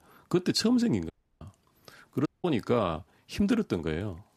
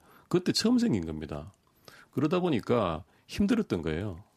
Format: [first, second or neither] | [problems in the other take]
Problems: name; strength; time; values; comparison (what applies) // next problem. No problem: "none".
second | audio cutting out; at 1 s and at 2.5 s